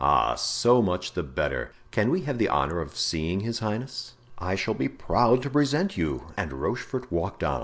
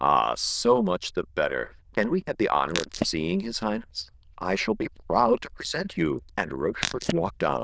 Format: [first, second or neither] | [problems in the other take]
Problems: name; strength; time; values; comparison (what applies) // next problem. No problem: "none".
first | noise reduction (neural diffusion model UNIVERSE++)